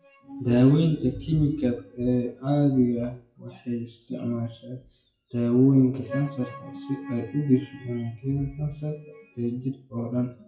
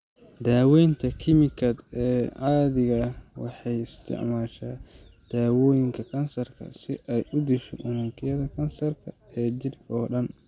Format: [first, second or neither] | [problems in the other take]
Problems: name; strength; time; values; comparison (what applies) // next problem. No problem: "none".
second | noise reduction (classical method WPE with log-MMSE)